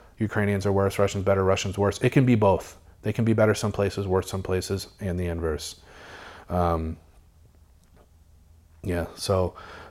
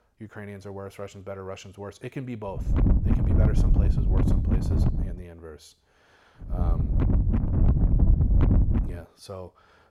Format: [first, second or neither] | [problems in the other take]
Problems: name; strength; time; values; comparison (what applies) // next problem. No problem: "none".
first | wind noise on the microphone; heavy; from 2.5 to 5 s and from 6.5 to 9 s; 5 dB above the speech